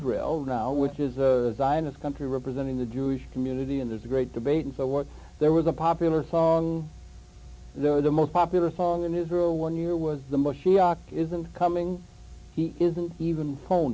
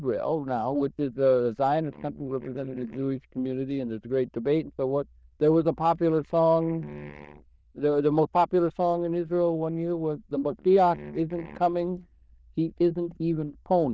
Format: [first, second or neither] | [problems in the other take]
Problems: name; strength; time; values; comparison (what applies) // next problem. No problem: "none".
first | noise reduction (neural diffusion model UNIVERSE++)